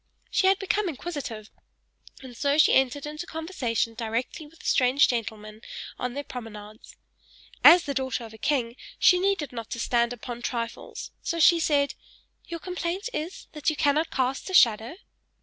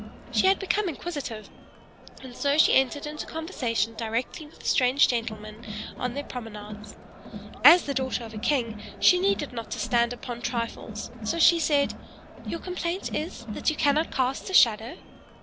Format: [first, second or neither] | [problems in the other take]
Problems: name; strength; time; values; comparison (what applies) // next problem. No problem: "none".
first | background sound (Crowd); 12 dB below the speech